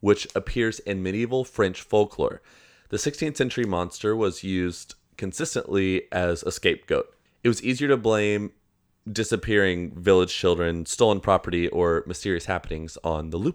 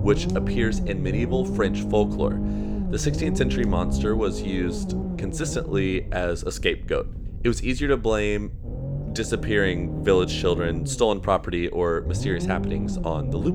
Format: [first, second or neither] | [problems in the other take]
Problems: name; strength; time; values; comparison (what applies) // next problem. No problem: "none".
first | low rumble; loud; throughout; 9 dB below the speech